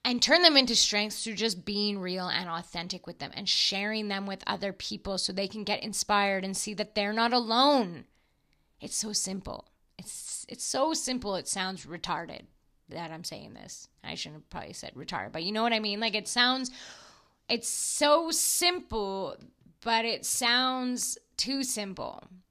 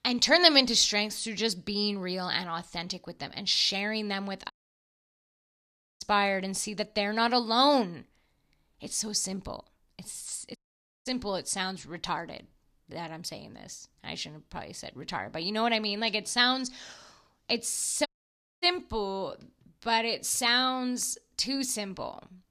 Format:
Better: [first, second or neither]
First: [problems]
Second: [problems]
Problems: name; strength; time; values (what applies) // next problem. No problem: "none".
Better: first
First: none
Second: audio cutting out; at 4.5 s for 1.5 s, at 11 s and at 18 s for 0.5 s